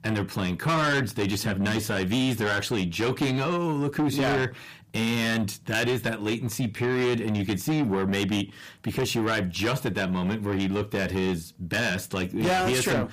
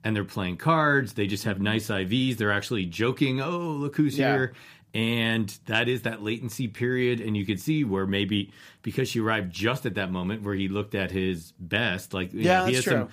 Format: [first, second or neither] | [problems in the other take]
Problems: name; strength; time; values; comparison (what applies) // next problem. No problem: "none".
second | distortion; heavy; 7 dB below the speech